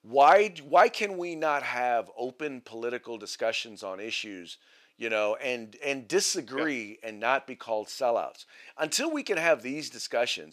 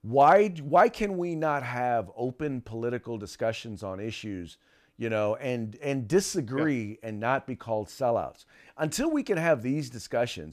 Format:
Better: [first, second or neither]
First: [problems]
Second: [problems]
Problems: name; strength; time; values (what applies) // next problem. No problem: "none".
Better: second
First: thin; somewhat; fading below 350 Hz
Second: none